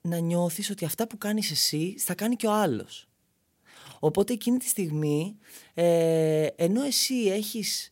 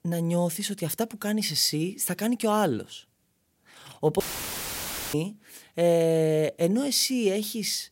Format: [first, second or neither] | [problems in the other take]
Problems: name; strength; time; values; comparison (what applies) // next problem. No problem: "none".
first | audio cutting out; filled with static; at 4 s for 1 s